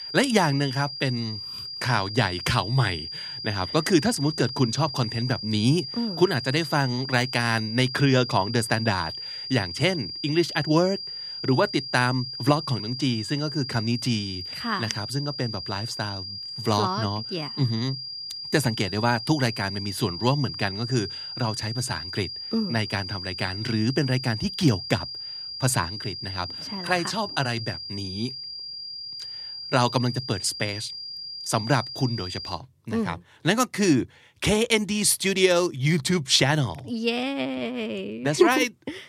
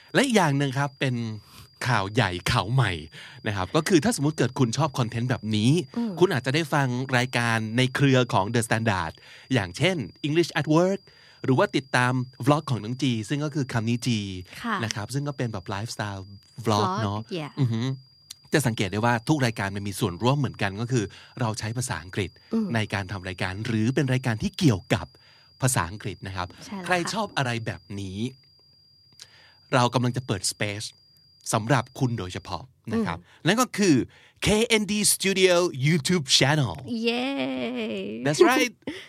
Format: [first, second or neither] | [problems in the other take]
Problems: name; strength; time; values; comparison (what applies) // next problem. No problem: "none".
second | high-pitched whine; loud; until 33 s; 5 kHz, 7 dB below the speech; faint in the second